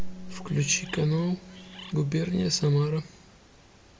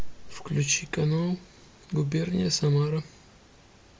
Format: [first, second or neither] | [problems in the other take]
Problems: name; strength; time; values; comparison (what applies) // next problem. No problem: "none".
second | background sound (Bowed string instrument + Bird); 17 dB below the speech